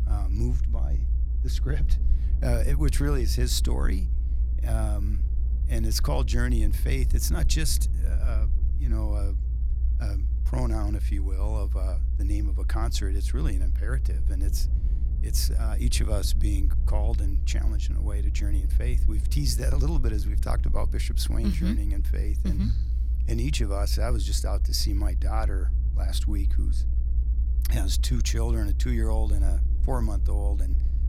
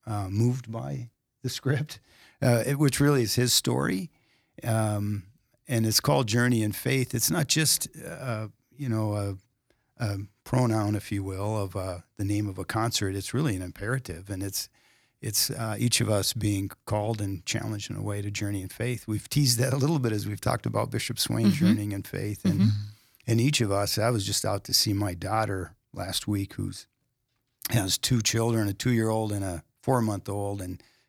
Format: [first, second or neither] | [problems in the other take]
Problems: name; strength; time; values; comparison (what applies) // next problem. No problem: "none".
second | low rumble; noticeable; throughout; 10 dB below the speech